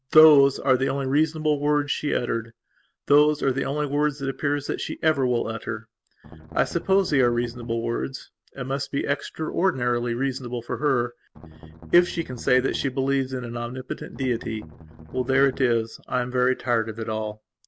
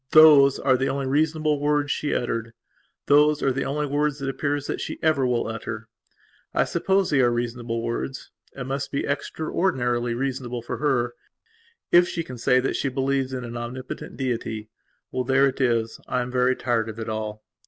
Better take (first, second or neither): second